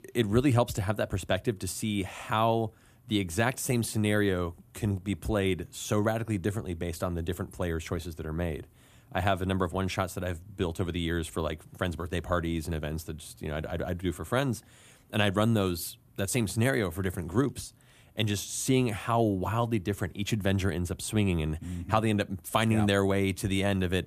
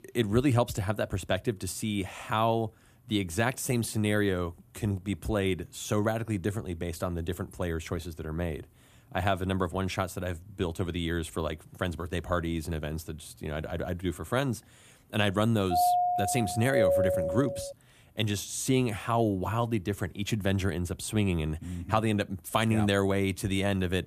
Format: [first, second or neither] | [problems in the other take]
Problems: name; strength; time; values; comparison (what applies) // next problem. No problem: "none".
first | doorbell; loud; from 16 to 18 s; peak 5 dB above the speech